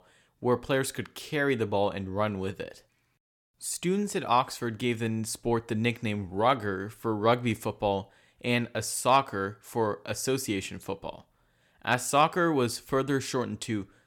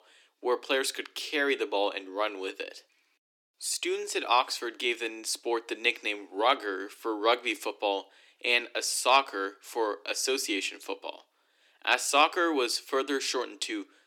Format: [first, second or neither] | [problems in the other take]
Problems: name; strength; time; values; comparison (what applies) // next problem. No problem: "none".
first | thin; somewhat; fading below 300 Hz